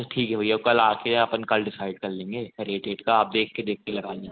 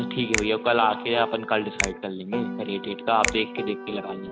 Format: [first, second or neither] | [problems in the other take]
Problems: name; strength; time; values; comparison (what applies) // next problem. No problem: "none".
first | background sound (Piano + Finger snapping); 6 dB below the speech